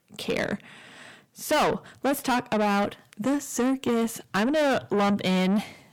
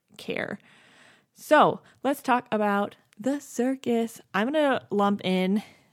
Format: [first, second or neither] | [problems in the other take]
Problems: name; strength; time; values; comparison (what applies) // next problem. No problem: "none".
second | distortion; heavy; 6 dB below the speech